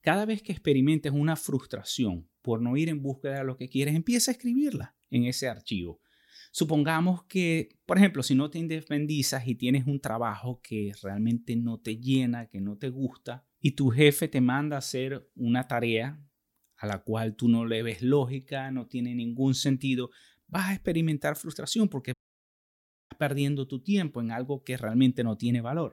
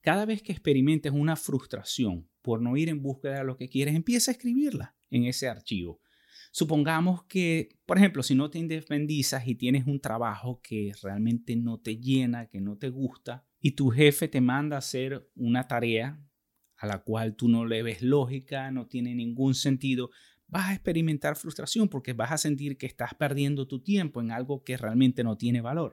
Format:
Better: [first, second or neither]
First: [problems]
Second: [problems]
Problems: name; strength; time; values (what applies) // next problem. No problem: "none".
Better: second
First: audio cutting out; at 22 s for 1 s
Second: none